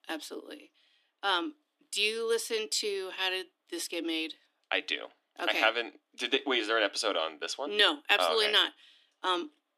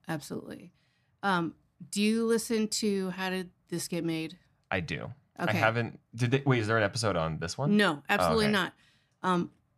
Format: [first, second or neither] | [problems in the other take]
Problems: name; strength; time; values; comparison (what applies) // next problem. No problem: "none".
second | thin; very; fading below 300 Hz